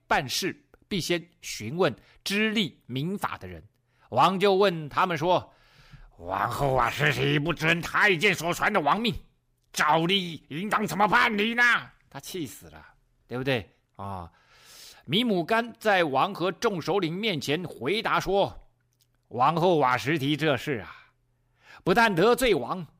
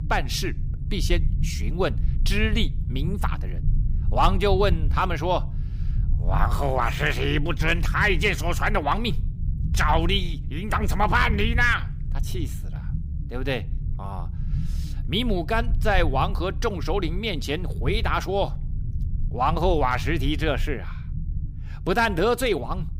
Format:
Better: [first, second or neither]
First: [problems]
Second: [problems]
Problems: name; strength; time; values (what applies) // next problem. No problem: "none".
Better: first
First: none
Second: low rumble; noticeable; throughout; 20 dB below the speech